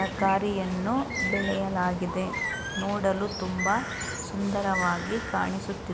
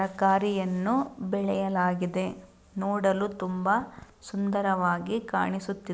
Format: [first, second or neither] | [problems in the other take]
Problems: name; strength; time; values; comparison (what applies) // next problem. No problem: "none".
second | background sound (Bird); 5 dB below the speech